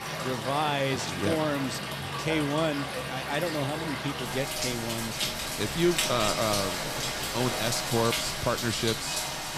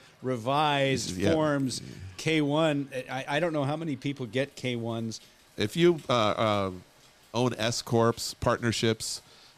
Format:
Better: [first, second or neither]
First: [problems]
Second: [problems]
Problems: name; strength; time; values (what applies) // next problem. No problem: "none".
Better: second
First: rain or running water; loud; throughout; as loud as the speech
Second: rain or running water; faint; throughout; 30 dB below the speech